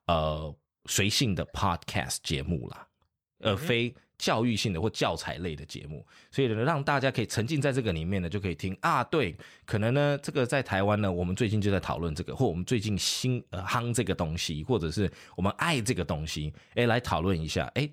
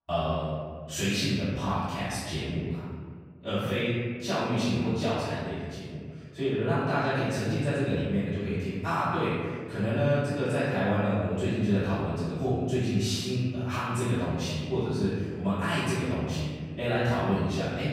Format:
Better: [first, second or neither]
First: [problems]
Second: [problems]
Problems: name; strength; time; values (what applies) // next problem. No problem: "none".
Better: first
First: none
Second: off-mic speech; far // room echo; strong; dies away in 1.6 s